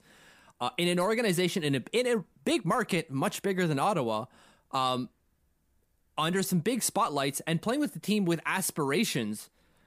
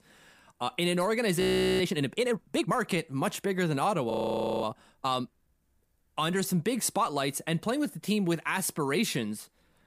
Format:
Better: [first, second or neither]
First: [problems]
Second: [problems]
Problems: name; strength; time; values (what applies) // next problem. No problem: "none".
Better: first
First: none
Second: audio freezing; at 1.5 s and at 4 s for 0.5 s